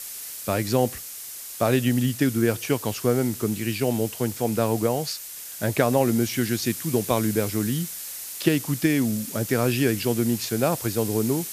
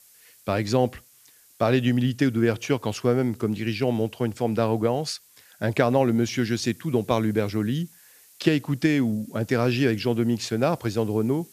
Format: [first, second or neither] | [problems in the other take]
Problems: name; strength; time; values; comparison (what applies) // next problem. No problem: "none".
second | hiss; loud; throughout; 9 dB below the speech; faint in the second